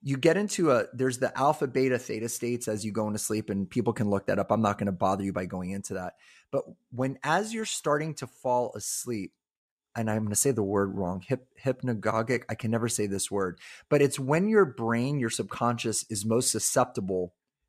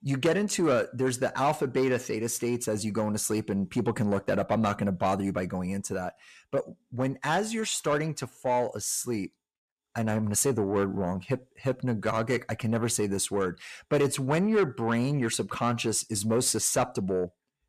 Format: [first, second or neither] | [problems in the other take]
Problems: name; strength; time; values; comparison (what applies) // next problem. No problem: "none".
first | distortion; slight; 10 dB below the speech